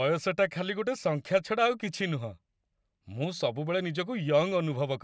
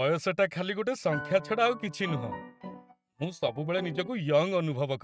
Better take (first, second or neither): first